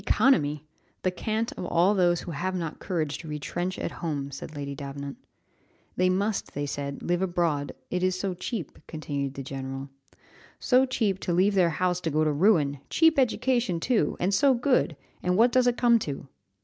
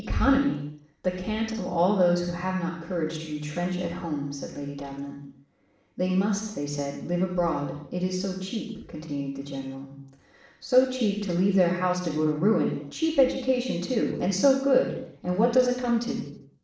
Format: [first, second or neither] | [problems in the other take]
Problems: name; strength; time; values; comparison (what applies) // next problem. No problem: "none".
first | room echo; dies away in 0.6 s